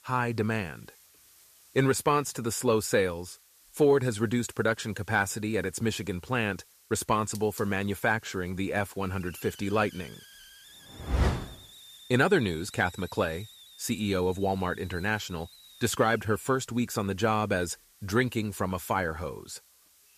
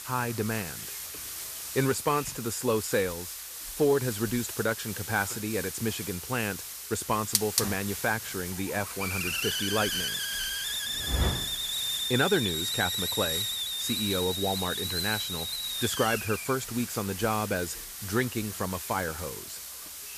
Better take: first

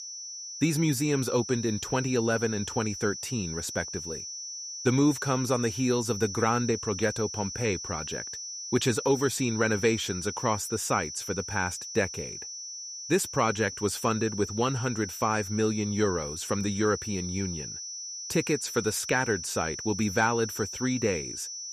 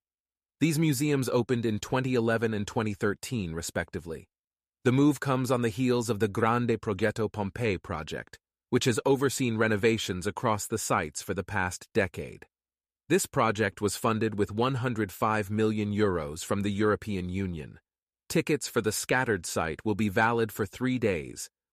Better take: second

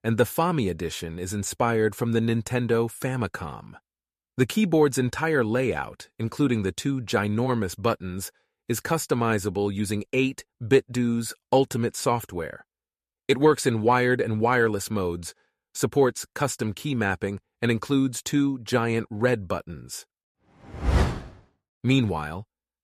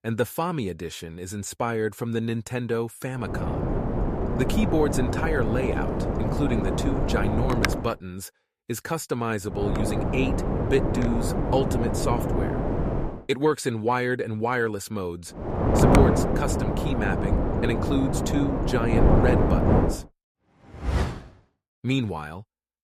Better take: first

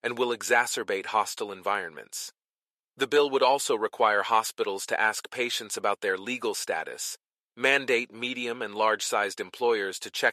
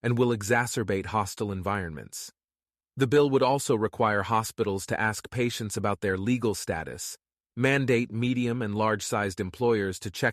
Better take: second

